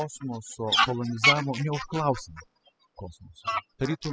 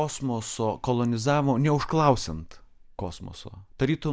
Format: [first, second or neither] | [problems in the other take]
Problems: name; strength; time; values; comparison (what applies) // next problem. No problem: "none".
second | noise reduction (classical method spectral subtraction)